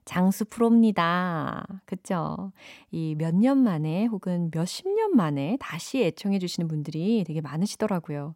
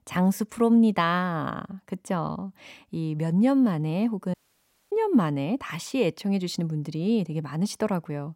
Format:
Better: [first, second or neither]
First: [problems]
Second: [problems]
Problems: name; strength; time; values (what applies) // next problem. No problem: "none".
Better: first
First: none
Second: audio cutting out; at 4.5 s for 0.5 s